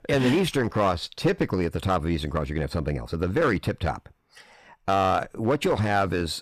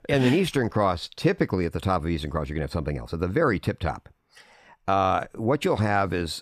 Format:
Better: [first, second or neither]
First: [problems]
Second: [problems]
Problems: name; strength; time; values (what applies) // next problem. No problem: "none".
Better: second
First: distortion; slight; 5% of the sound clipped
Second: none